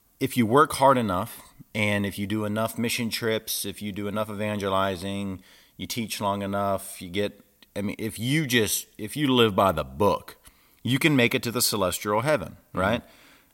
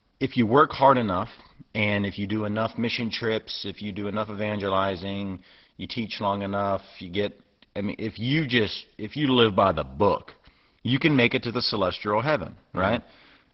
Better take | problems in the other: first | garbled, watery; badly; nothing above 5.5 kHz

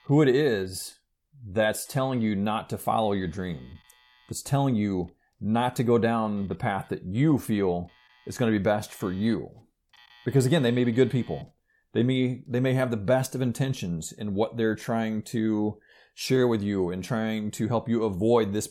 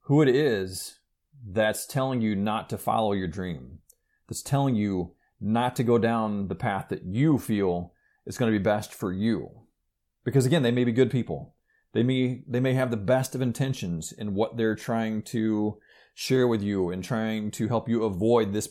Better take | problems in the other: second | alarms or sirens; faint; until 13 s; 30 dB below the speech

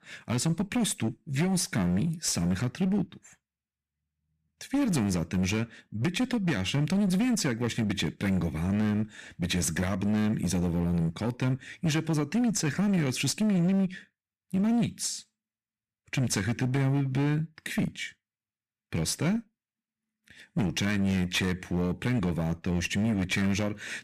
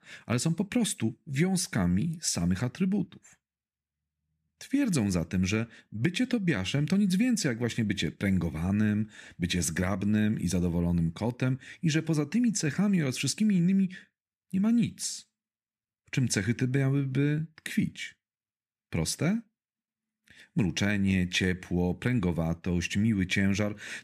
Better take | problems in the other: second | distortion; slight; 14% of the sound clipped

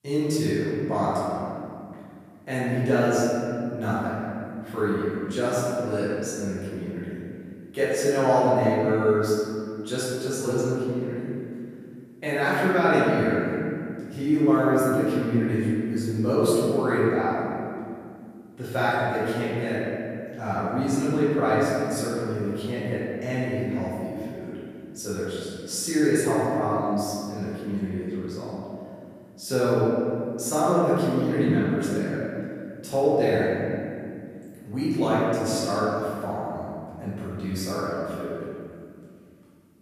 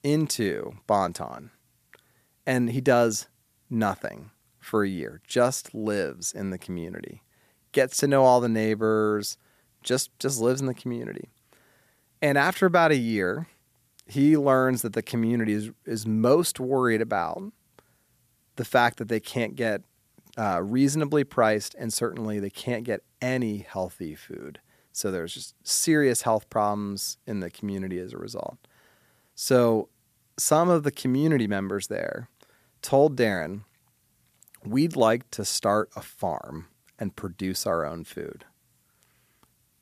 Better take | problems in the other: second | off-mic speech; far // room echo; strong; dies away in 2.5 s

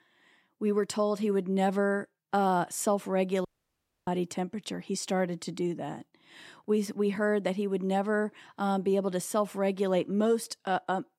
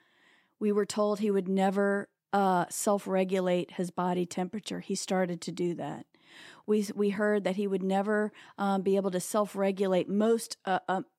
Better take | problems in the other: second | audio cutting out; at 3.5 s for 0.5 s

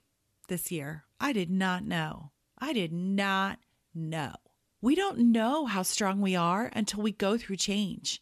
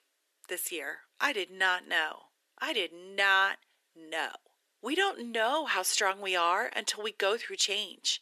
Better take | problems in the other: first | thin; very; fading below 350 Hz

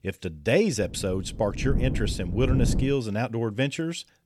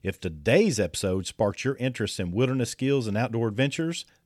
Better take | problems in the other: second | wind noise on the microphone; occasional gusts; from 1 to 3 s; 10 dB below the speech

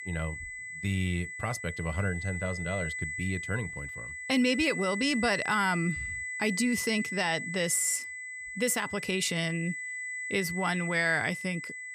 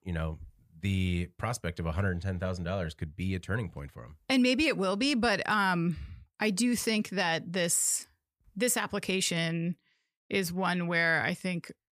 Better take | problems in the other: second | high-pitched whine; loud; throughout; 2 kHz, 6 dB below the speech

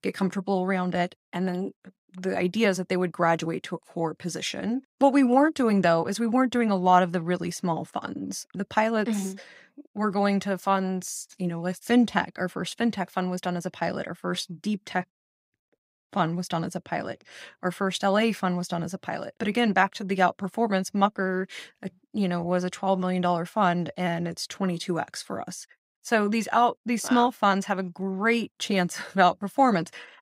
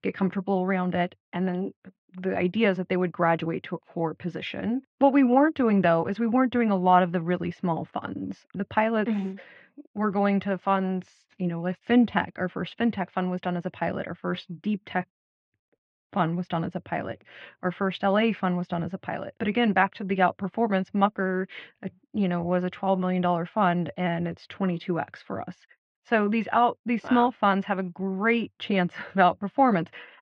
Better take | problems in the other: first | muffled; very; fading above 3 kHz

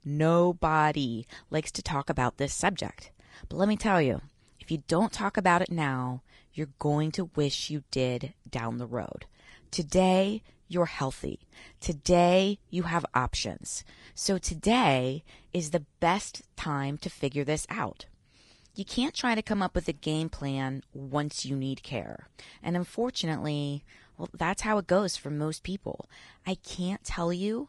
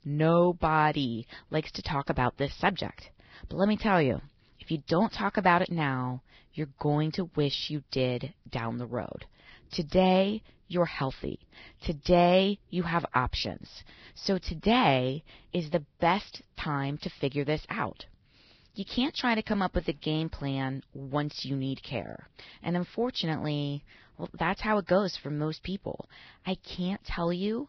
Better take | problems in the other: first | garbled, watery; badly; nothing above 5.5 kHz; slightly in the first

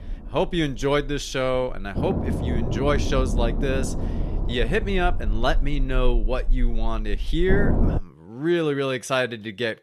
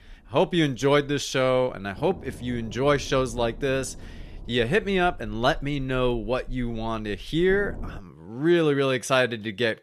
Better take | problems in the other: second | low rumble; loud; until 8 s; 8 dB below the speech; faint in the second

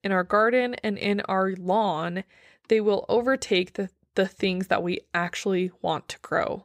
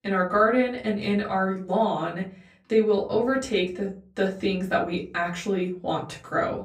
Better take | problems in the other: first | off-mic speech; far // room echo; slight; dies away in 0.4 s

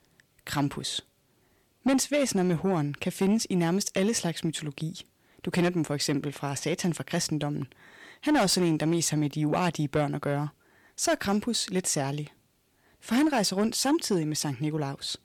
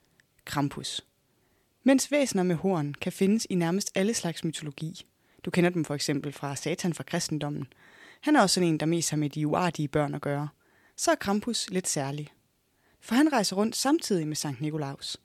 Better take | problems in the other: second | distortion; slight; 10 dB below the speech

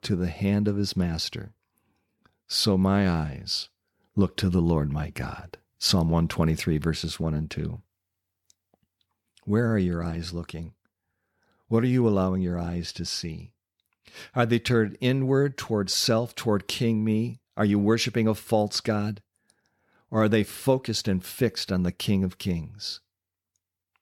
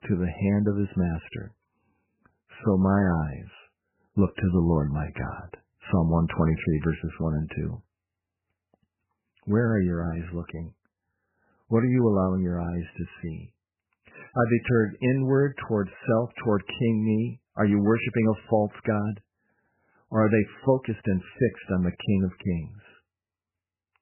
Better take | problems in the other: first | garbled, watery; badly; nothing above 3 kHz

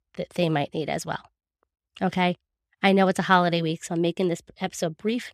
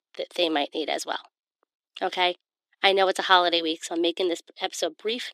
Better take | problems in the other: first | thin; very; fading below 300 Hz

